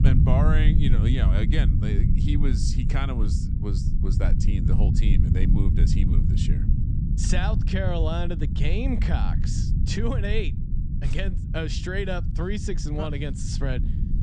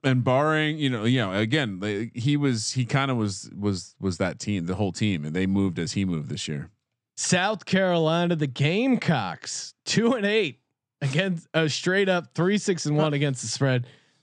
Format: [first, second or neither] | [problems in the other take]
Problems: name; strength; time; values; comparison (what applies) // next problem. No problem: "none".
second | low rumble; loud; throughout; 5 dB below the speech